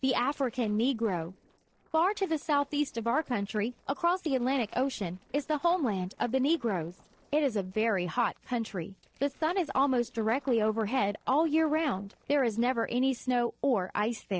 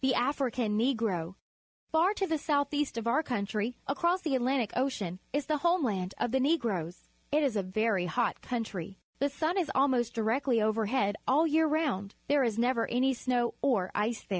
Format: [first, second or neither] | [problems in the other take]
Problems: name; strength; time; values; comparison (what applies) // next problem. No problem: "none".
second | noise reduction (neural separator model SepFormer DNS4)